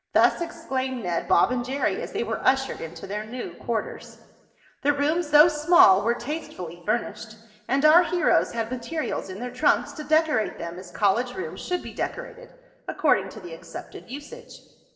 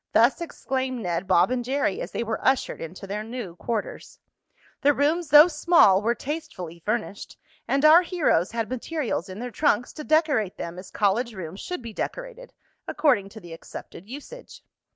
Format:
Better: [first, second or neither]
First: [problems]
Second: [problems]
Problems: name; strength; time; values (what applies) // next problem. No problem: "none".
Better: second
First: room echo; dies away in 1.2 s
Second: none